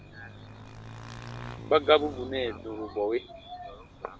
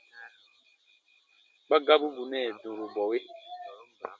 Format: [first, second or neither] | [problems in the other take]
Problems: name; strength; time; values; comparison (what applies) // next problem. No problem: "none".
second | background sound (Motorcycle / Engine); 13 dB below the speech